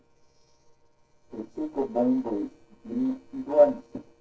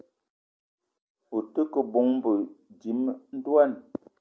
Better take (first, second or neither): second